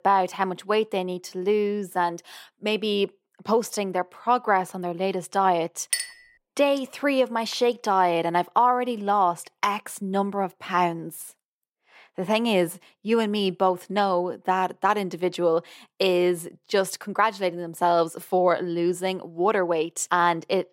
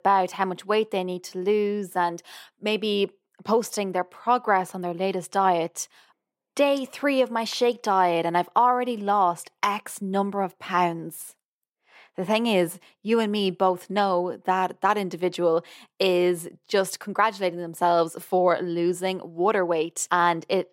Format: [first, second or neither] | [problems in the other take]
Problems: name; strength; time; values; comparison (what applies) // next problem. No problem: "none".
second | clattering dishes; noticeable; at 6 s; peak 3 dB below the speech